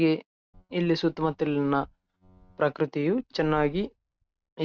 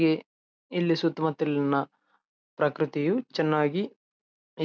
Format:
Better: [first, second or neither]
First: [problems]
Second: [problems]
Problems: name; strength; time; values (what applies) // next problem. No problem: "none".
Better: second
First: noise reduction (neural mask model RNNoise)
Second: none